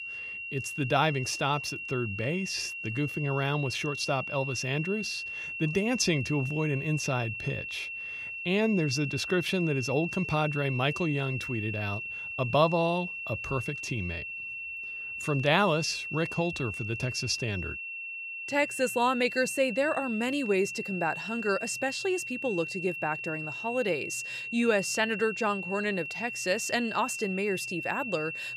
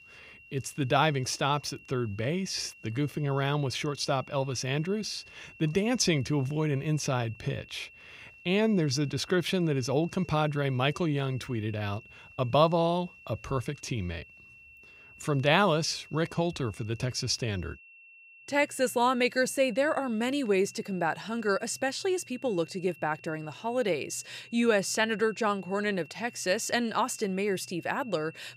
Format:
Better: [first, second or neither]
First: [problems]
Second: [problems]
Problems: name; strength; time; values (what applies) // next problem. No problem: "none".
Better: second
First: high-pitched whine; loud; throughout; 2.5 kHz, 5 dB below the speech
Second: high-pitched whine; faint; throughout; 2.5 kHz, 20 dB below the speech